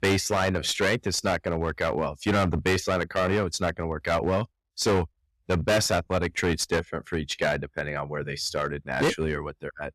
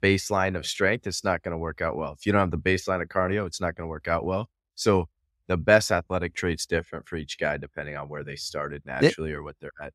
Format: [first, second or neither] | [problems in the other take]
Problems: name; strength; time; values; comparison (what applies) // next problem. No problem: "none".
second | distortion; heavy; 10% of the sound clipped